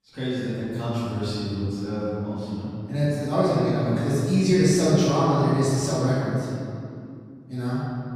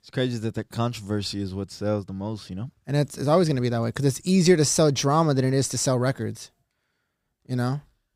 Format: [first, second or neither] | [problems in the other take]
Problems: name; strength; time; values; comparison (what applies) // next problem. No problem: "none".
second | off-mic speech; far // room echo; strong; dies away in 2.6 s